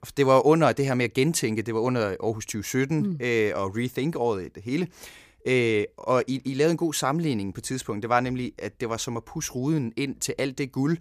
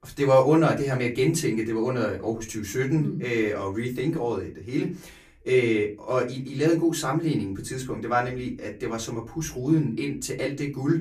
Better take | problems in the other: first | off-mic speech; far // room echo; very slight; dies away in 0.2 s

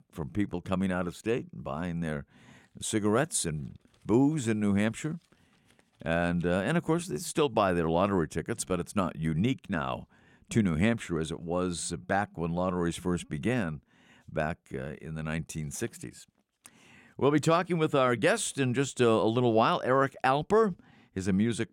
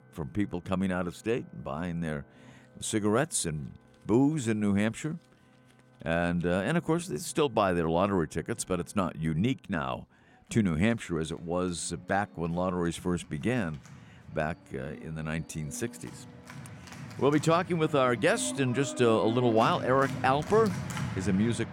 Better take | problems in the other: first | background music; noticeable; throughout; 10 dB below the speech

